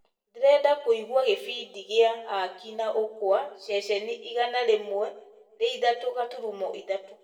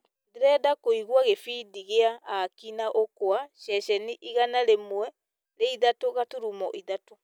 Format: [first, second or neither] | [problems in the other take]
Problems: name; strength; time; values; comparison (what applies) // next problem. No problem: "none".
second | room echo; dies away in 0.6 s